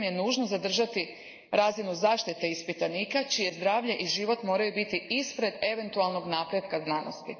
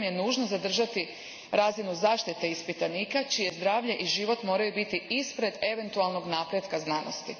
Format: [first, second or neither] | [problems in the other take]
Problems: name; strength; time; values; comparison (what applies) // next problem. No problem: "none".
second | noise reduction (neural mask model Resemble Enhance denoiser)